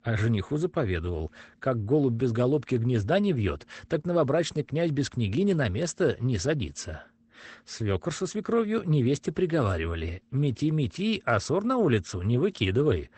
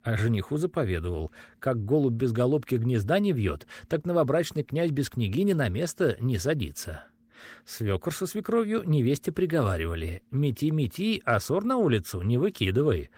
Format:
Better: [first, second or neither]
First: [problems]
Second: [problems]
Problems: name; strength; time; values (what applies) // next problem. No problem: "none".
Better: second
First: garbled, watery; badly; nothing above 8 kHz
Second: garbled, watery; slightly; nothing above 16.5 kHz